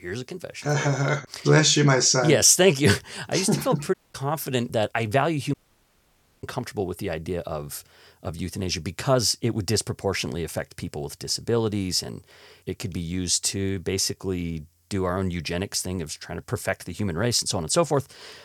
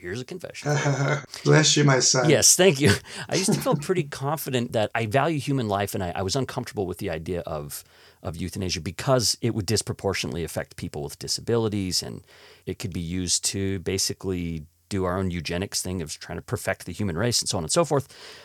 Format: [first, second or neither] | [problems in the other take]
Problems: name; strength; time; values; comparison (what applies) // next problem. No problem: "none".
second | audio cutting out; at 4 s and at 5.5 s for 1 s